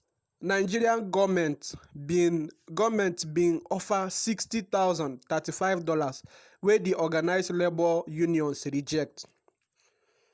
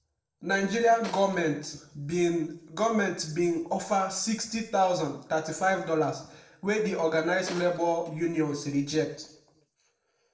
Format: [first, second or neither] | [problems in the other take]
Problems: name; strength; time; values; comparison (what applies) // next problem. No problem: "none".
first | noise reduction (neural separator model SepFormer DNS4)